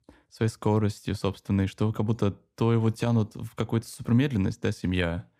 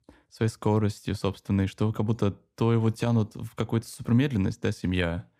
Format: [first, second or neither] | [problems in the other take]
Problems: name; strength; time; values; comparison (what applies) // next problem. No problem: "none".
neither | none